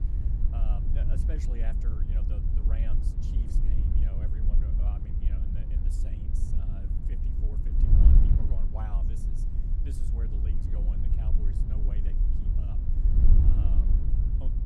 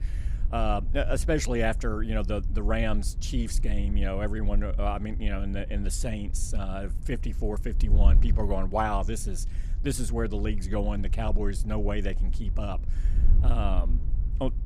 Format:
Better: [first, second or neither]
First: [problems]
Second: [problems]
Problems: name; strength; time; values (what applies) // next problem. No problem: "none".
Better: second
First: wind noise on the microphone; heavy; 4 dB above the speech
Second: wind noise on the microphone; occasional gusts; 15 dB below the speech